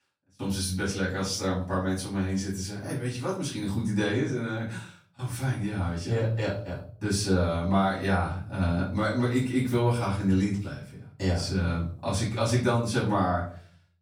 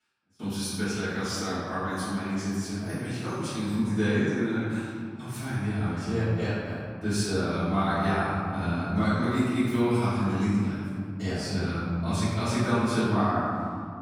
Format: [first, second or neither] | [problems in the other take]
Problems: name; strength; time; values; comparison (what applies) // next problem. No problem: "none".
first | room echo; strong; dies away in 2.2 s; slight in the first // off-mic speech; far; far in the first